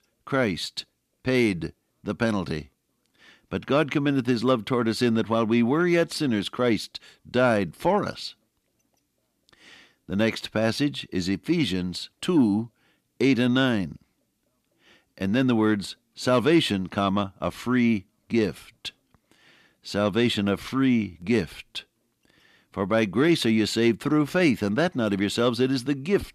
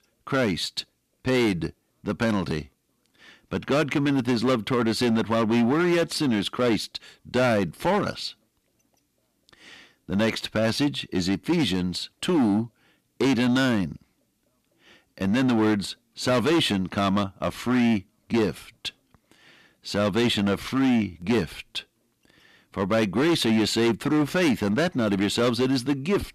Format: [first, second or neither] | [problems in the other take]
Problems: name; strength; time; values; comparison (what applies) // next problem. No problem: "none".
first | distortion; slight; 11% of the sound clipped